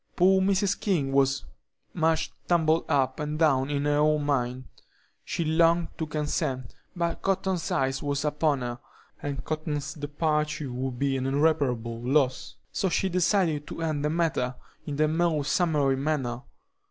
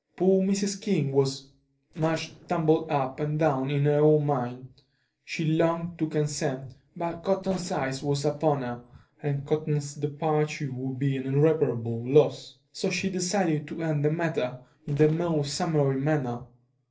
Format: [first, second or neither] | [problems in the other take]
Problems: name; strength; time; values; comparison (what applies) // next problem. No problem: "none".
first | noise reduction (neural separator model SepFormer DNS4)